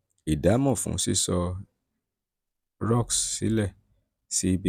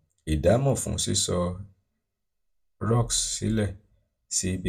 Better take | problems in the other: first | room echo; dies away in 0.2 s

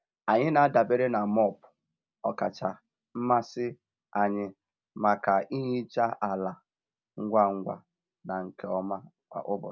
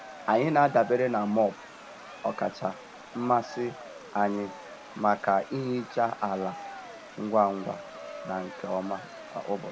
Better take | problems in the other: first | background sound (Stream + Cheering); 15 dB below the speech

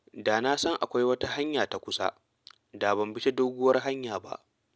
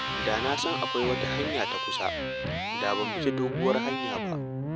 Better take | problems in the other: first | background sound (Electric guitar); 1 dB above the speech

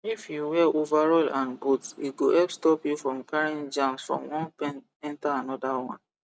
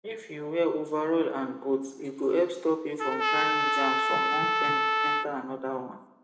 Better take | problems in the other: first | background sound (Trumpet); 2 dB above the speech // room echo; dies away in 0.9 s

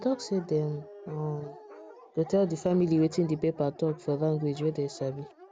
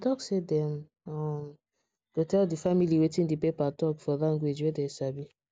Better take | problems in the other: second | background sound (Dog); 19 dB below the speech

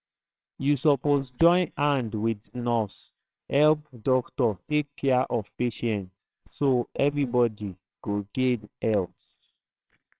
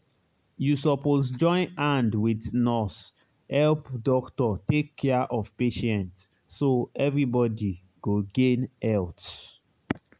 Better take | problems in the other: second | noise reduction (neural separator model SepFormer WHAMR!)

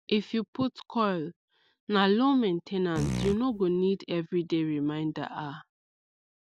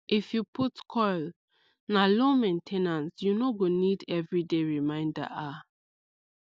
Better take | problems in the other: second | background sound (Fart); 4 dB below the speech

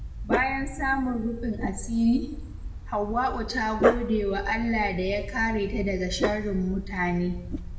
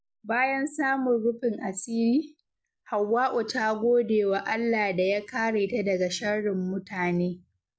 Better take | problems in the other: second | background sound (Dog); 4 dB below the speech // room echo; dies away in 0.7 s

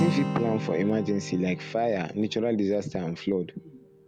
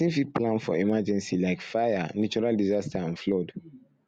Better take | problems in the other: second | background sound (Acoustic guitar); 7 dB below the speech

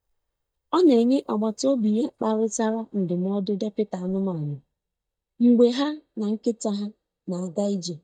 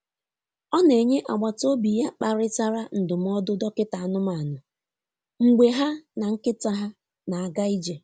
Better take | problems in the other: second | noise reduction (neural mask model DeepFilterNet 3)

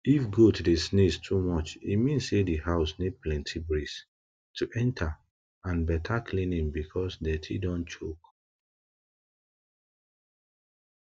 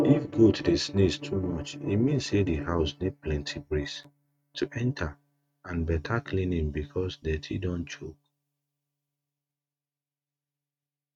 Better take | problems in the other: first | noise reduction (neural mask model RNNoise)

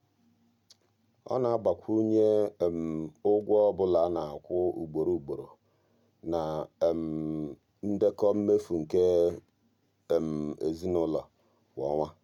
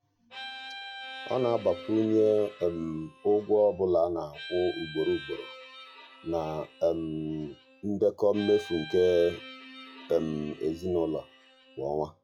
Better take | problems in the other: first | noise reduction (classical method log-MMSE)

